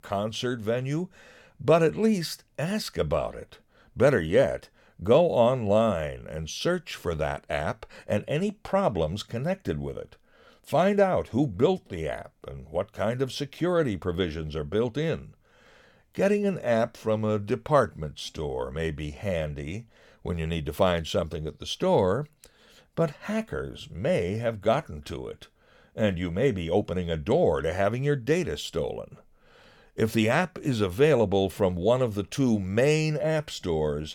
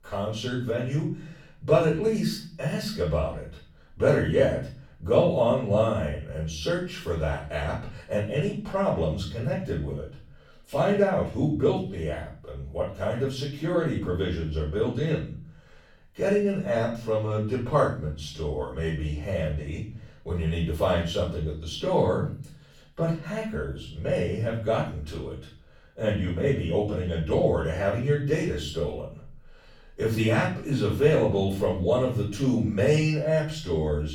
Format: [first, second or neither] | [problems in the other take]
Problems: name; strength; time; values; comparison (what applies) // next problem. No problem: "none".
first | off-mic speech; far // room echo; noticeable; dies away in 0.5 s